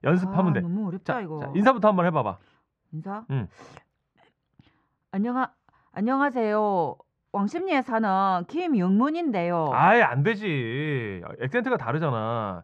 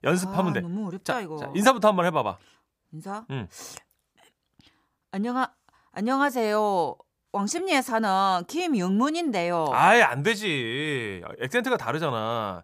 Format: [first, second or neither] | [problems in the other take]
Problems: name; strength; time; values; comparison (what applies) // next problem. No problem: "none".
second | muffled; very; fading above 2 kHz